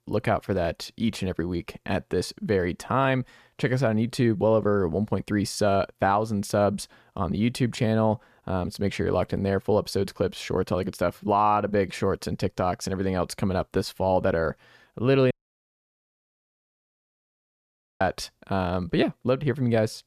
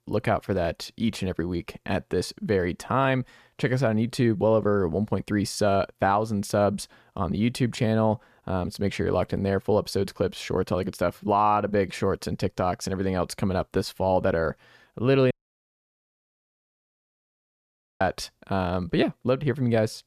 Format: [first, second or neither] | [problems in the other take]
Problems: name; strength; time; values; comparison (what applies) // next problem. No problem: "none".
neither | audio cutting out; at 15 s for 2.5 s; the same in both